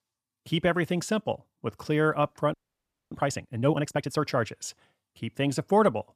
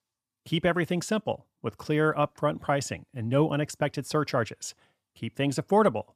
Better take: second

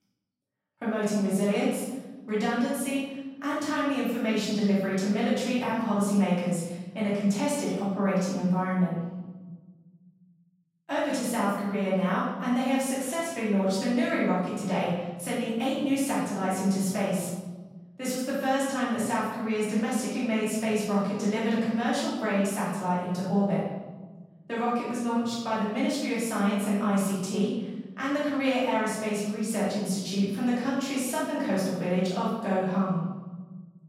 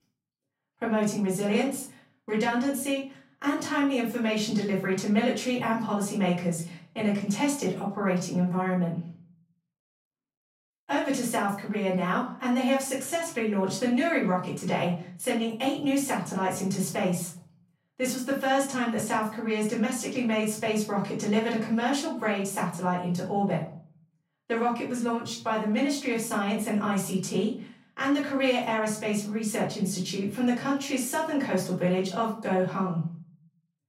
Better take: second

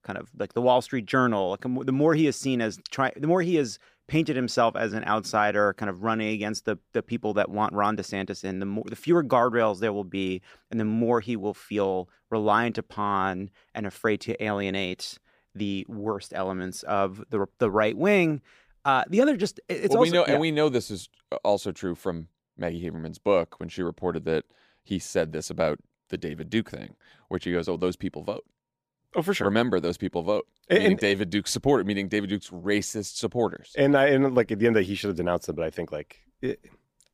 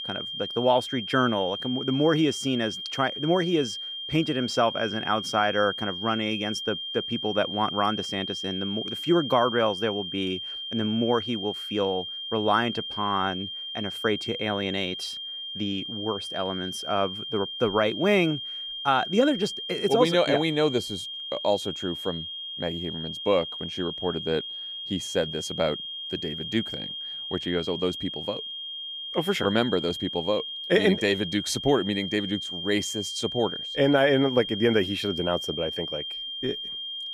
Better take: first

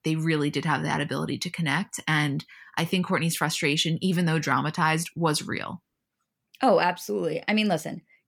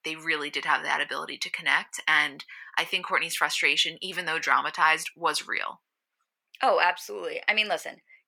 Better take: first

